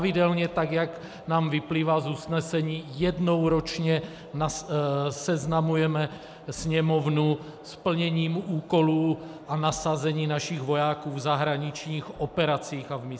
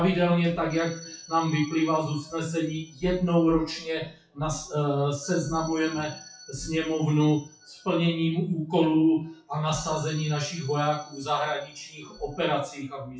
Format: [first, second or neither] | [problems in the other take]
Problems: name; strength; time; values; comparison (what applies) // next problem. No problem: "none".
first | noise reduction (classical method WPE with log-MMSE)